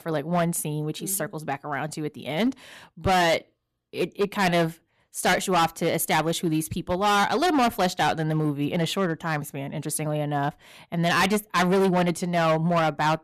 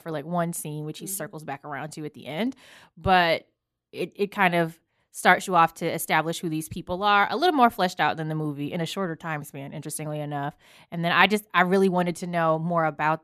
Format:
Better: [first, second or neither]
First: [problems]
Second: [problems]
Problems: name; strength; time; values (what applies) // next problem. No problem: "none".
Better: second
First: distortion; heavy; 10% of the sound clipped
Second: none